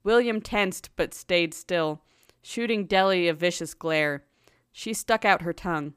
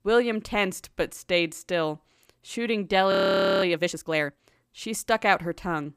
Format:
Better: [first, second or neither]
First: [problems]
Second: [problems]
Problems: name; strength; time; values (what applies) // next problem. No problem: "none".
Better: first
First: none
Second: audio freezing; at 3 s for 0.5 s